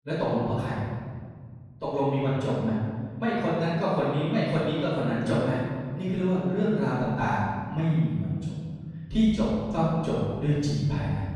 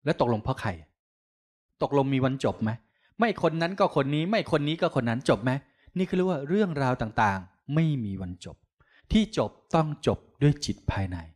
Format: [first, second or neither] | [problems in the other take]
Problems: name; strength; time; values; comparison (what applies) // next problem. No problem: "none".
second | off-mic speech; far // room echo; strong; dies away in 1.9 s